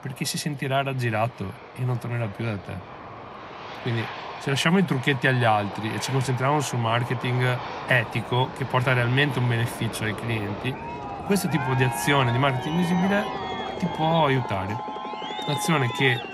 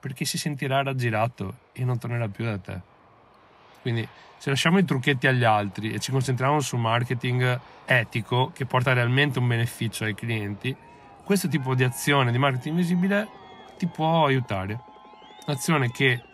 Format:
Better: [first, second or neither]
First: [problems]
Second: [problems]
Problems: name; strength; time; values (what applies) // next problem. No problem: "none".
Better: second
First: train or aircraft noise; loud; throughout; 9 dB below the speech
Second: train or aircraft noise; faint; throughout; 25 dB below the speech